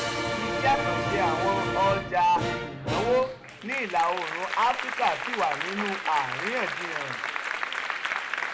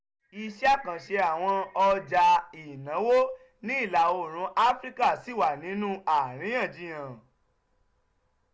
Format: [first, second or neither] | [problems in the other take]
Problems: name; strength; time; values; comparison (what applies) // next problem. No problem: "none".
second | background sound (Applause); 2 dB below the speech